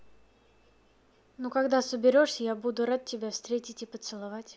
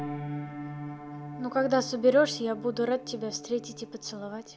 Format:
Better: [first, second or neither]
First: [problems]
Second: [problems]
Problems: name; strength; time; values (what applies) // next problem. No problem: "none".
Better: first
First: none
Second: background sound (Piano); 11 dB below the speech